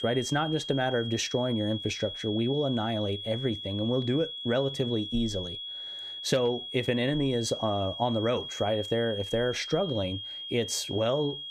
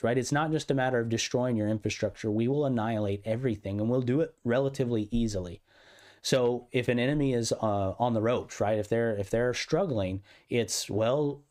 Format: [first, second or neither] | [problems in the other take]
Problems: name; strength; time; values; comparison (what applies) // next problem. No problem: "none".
second | high-pitched whine; loud; throughout; 3.5 kHz, 7 dB below the speech